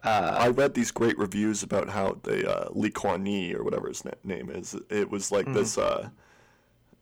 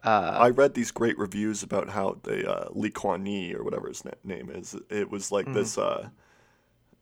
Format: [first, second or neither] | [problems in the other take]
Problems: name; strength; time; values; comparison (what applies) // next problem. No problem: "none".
second | distortion; heavy; 4% of the sound clipped